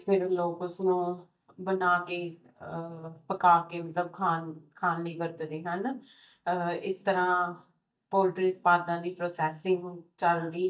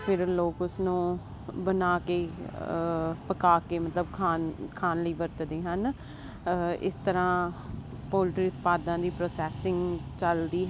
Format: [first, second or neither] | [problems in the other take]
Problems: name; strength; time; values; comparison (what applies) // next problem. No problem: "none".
second | noise reduction (neural mask model DeepFilterNet 3)